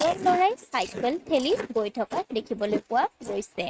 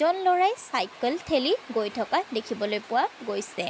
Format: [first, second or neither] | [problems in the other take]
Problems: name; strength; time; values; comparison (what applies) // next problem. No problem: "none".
second | noise reduction (neural mask model RNNoise)